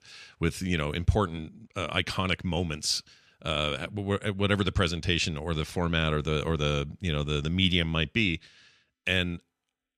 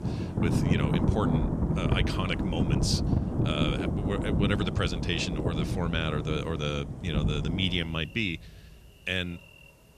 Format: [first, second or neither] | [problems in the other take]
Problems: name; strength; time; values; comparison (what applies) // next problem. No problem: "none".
first | rain or running water; very loud; throughout; 2 dB above the speech